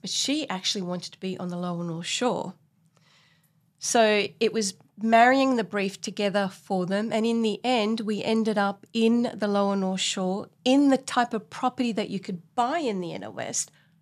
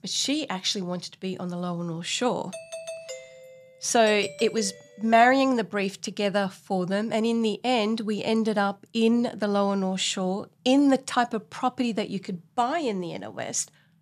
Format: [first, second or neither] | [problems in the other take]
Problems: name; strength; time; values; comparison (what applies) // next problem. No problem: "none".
first | doorbell; faint; from 2.5 to 5 s; peak 10 dB below the speech